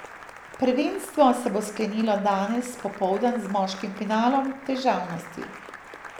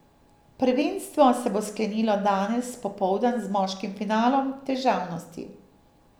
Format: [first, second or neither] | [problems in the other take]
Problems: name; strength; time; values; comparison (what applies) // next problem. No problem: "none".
second | background sound (Applause); 17 dB below the speech